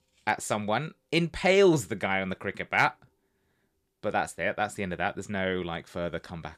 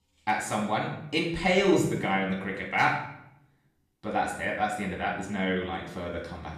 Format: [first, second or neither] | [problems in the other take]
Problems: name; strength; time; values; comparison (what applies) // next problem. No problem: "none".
first | off-mic speech; far // room echo; noticeable; dies away in 0.7 s